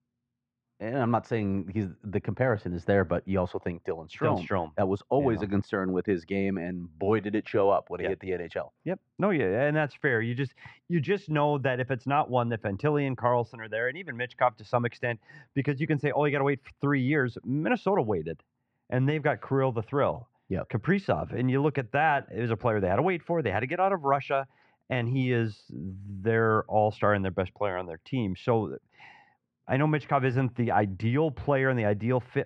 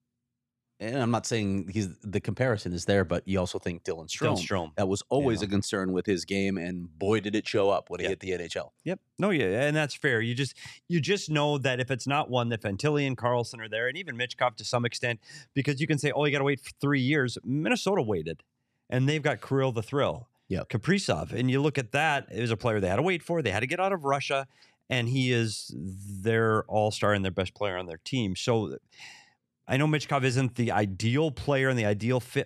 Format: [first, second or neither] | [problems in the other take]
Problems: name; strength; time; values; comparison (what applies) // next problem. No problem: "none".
second | muffled; very; fading above 1.5 kHz